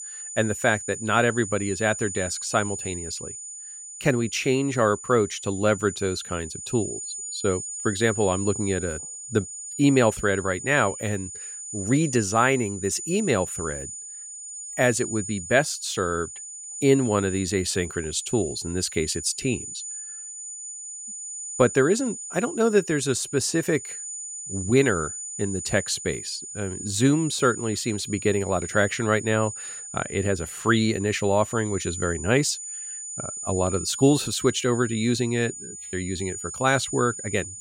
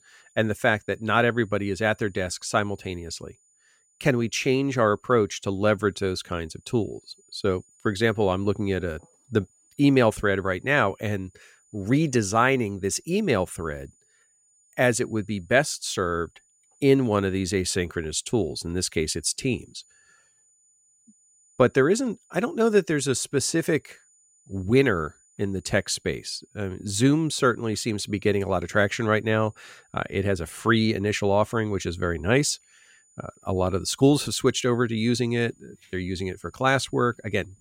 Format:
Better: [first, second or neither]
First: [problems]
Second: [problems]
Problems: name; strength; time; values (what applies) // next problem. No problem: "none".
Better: second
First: high-pitched whine; loud; throughout; 7 kHz, 9 dB below the speech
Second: high-pitched whine; faint; throughout; 7 kHz, 35 dB below the speech